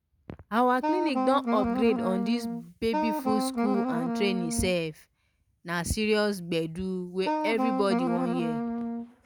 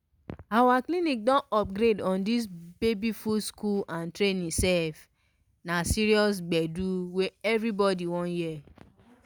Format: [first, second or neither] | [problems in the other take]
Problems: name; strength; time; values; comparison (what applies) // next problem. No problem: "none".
second | background sound (Wind instrument, woodwind instrument); 1 dB above the speech